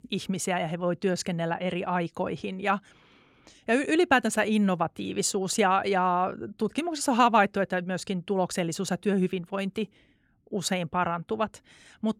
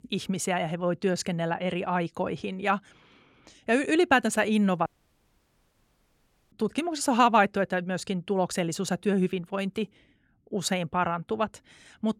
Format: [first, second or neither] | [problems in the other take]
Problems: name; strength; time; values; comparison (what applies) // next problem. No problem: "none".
first | audio cutting out; at 5 s for 1.5 s